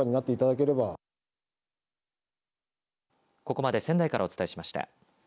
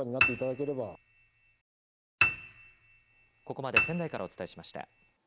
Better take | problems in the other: first | background sound (Piano); 4 dB above the speech

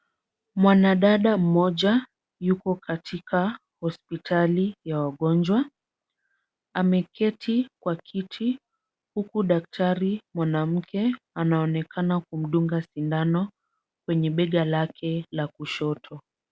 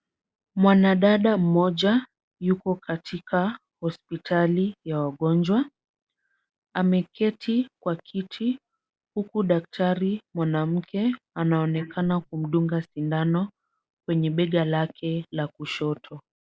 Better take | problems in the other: first | noise reduction (neural mask model Resemble Enhance denoiser)

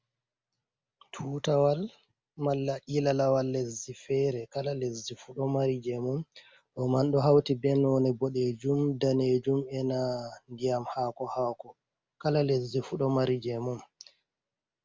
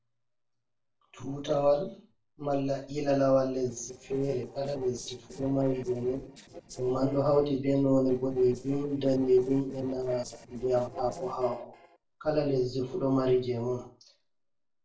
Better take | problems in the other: first | noise reduction (neural separator model SepFormer DNS4)

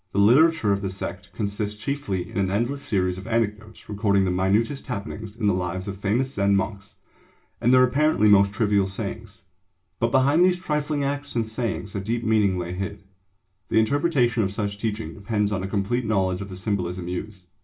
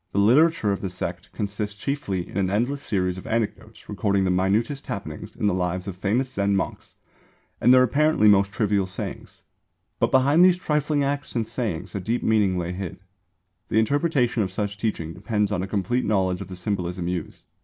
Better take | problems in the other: second | room echo; dies away in 0.2 s

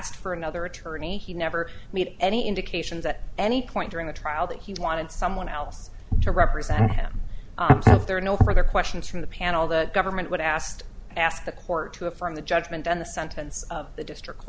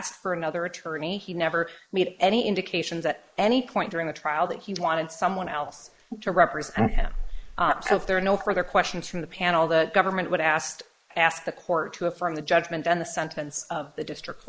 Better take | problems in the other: first | noise reduction (neural mask model Resemble Enhance denoiser)

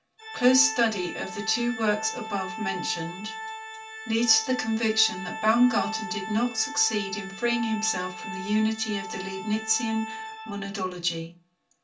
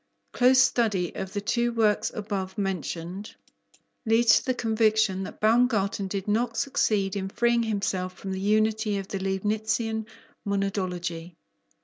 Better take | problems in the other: second | background sound (Organ); 10 dB below the speech // room echo; dies away in 0.2 s

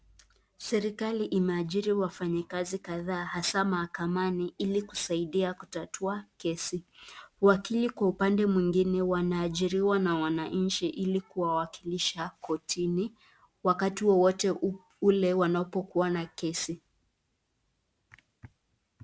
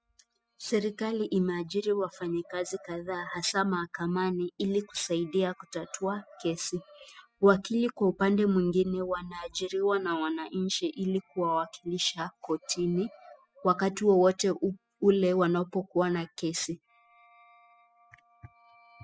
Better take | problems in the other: first | noise reduction (classical method spectral subtraction)

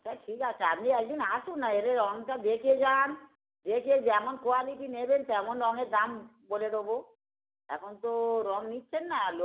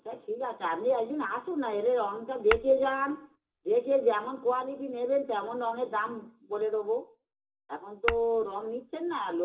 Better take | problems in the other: first | background sound (Tap / Glass); 9 dB below the speech // room echo; dies away in 0.2 s

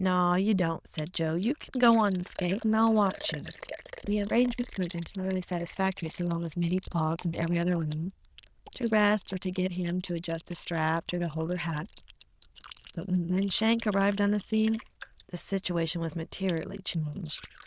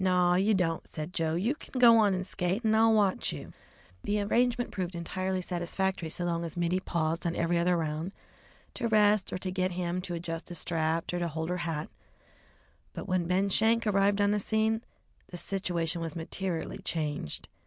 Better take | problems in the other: second | noise reduction (neural diffusion model UNIVERSE++)

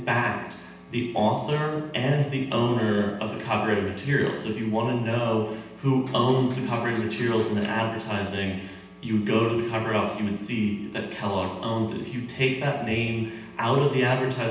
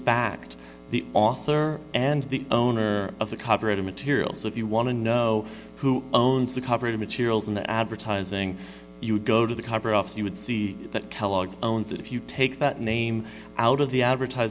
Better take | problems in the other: second | background sound (Electric guitar); 12 dB below the speech // room echo; dies away in 0.9 s

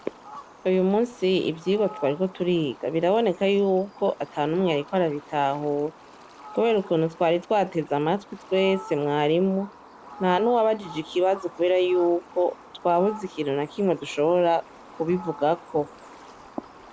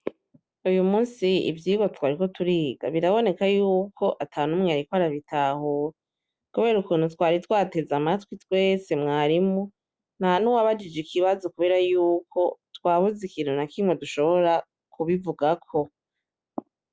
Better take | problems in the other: second | background sound (Fowl); 19 dB below the speech

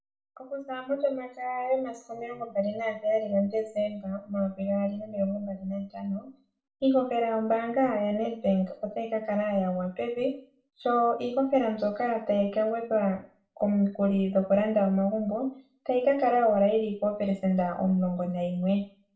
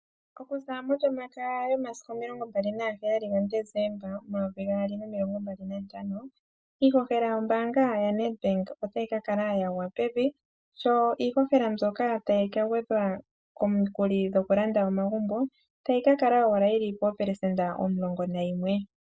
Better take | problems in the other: second | room echo; dies away in 0.4 s

